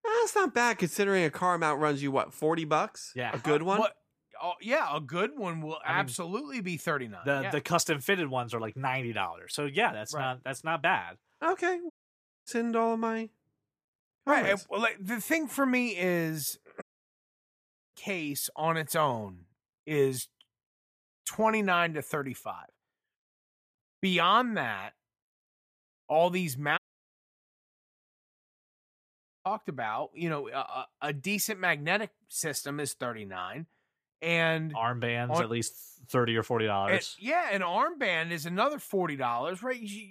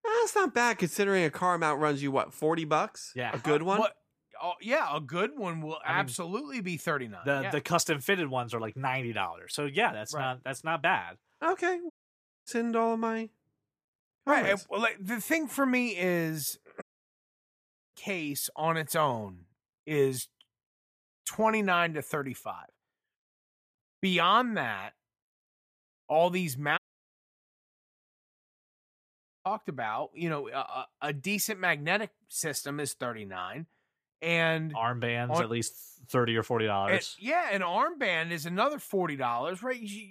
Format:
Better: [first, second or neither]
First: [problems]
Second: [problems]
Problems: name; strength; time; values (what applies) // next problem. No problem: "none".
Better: neither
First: audio cutting out; at 12 s for 0.5 s, at 17 s for 1 s and at 27 s for 2.5 s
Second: audio cutting out; at 12 s for 0.5 s, at 17 s for 1 s and at 27 s for 2.5 s